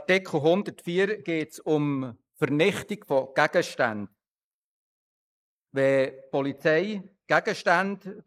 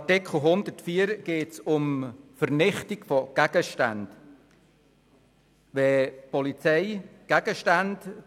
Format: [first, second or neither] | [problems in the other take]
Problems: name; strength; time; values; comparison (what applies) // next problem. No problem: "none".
second | noise reduction (neural mask model Resemble Enhance denoiser)